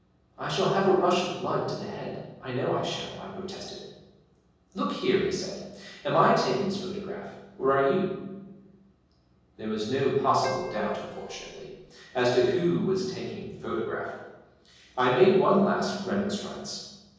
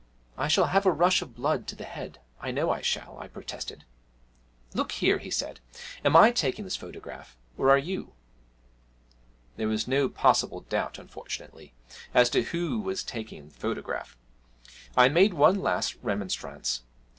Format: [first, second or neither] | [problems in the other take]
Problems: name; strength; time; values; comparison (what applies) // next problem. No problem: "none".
second | background sound (Keyboard (musical)); 11 dB below the speech // room echo; dies away in 1.3 s